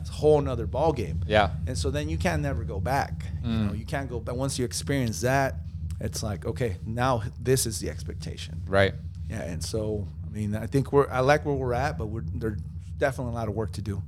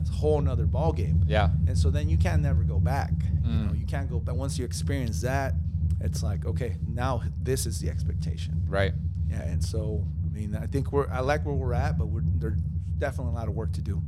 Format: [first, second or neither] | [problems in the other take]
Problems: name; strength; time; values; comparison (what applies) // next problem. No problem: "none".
first | low rumble; loud; throughout; 9 dB below the speech; faint in the first